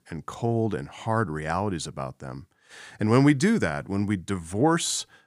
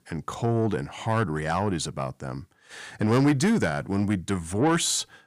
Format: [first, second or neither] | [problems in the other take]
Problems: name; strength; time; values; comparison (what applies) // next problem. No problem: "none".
first | distortion; slight; 10 dB below the speech